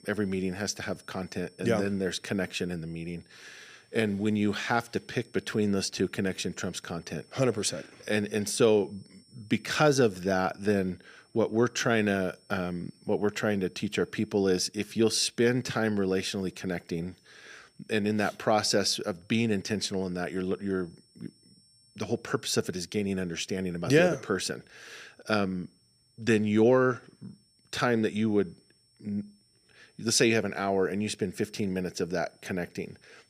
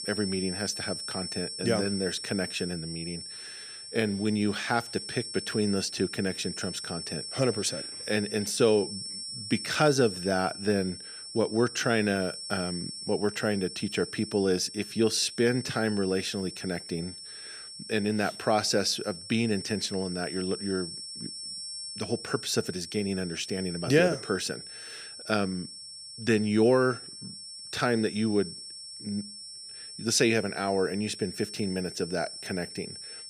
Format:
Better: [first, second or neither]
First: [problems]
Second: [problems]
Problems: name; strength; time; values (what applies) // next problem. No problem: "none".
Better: first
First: high-pitched whine; faint; throughout; 5.5 kHz, 35 dB below the speech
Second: high-pitched whine; loud; throughout; 5.5 kHz, 9 dB below the speech